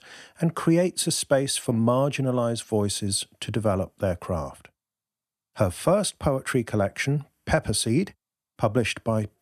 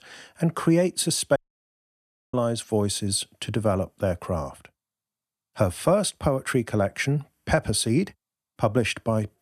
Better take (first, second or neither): first